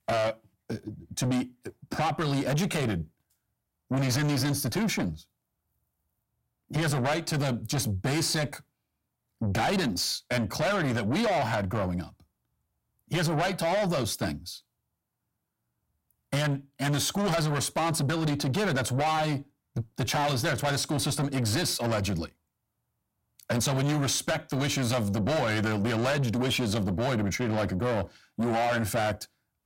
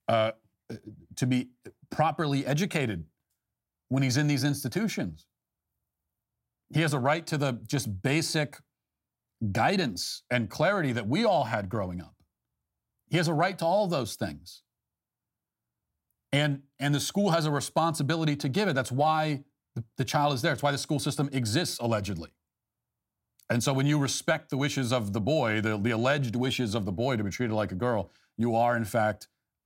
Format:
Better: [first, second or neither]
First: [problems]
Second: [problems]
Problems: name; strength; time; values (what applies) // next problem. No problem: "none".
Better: second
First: distortion; heavy; 6 dB below the speech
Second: none